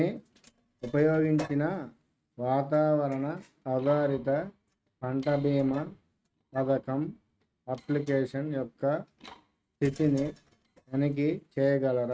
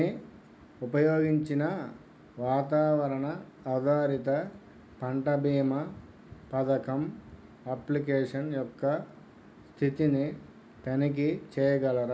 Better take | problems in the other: second | noise reduction (neural mask model RNNoise)

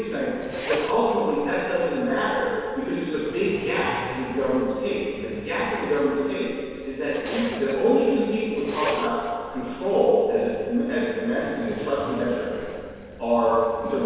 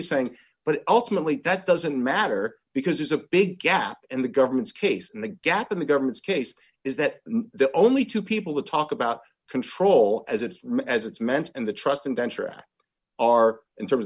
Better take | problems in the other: second | background sound (Zipper (clothing)); 14 dB below the speech // room echo; dies away in 1.9 s

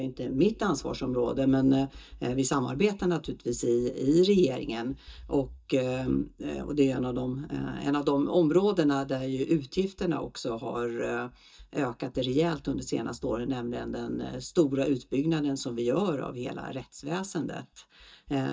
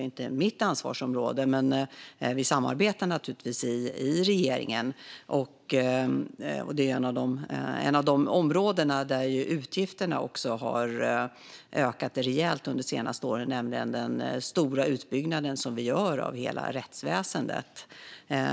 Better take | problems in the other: second | noise reduction (neural mask model DeepFilterNet 3)

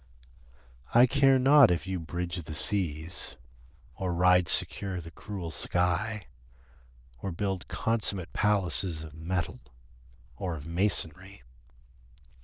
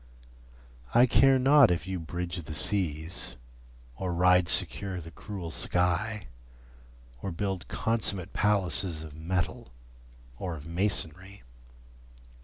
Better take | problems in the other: second | noise reduction (neural diffusion model UNIVERSE++)

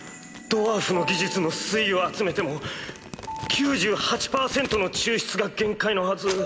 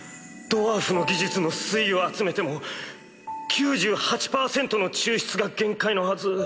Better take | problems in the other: second | background sound (Crumpling, crinkling); 16 dB below the speech

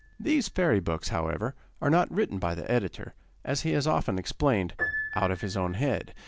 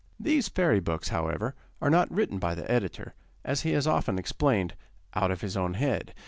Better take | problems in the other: second | background sound (Piano); 14 dB below the speech

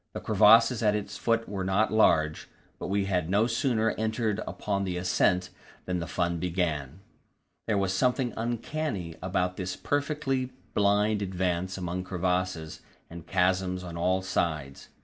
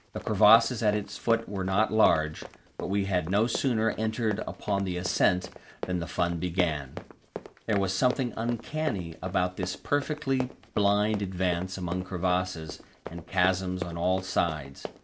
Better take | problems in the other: first | background sound (Run); 13 dB below the speech

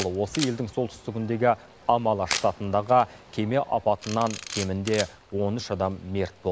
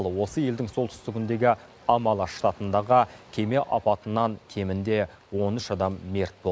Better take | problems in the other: second | background sound (Camera); 13 dB below the speech

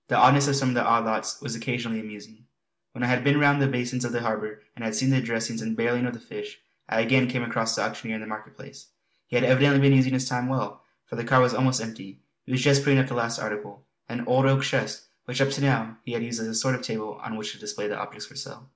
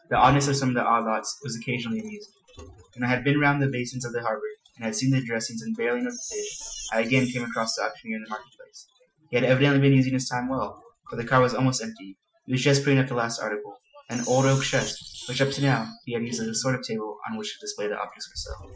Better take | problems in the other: first | noise reduction (classical method Wiener filter)

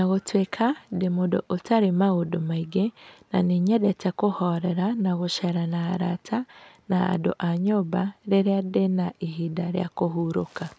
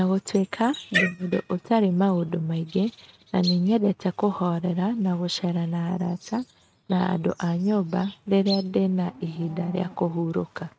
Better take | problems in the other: first | noise reduction (neural mask model RNNoise)

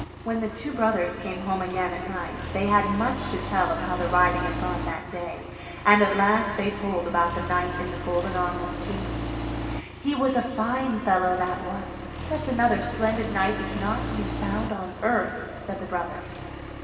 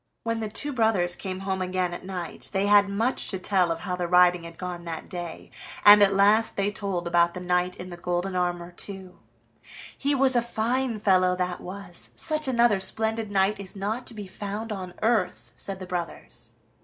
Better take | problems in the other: second | background sound (Accelerating, revving, vroom); 7 dB below the speech // room echo; dies away in 2.4 s

